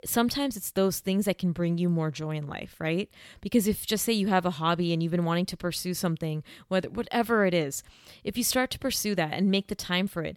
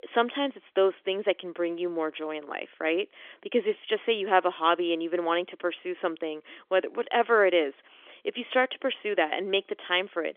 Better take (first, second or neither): first